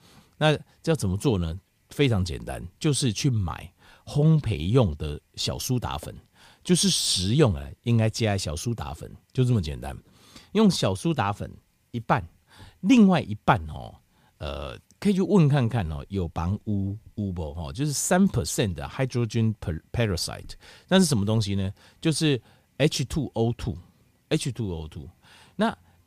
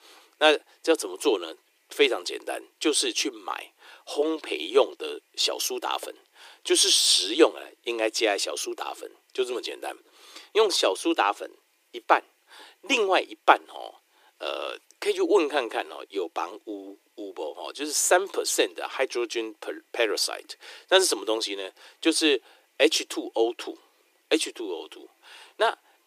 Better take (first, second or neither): first